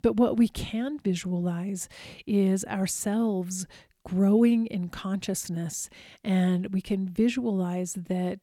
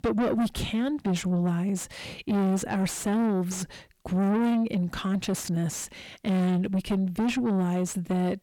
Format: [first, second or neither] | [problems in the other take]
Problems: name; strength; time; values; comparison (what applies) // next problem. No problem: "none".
first | distortion; heavy; 7 dB below the speech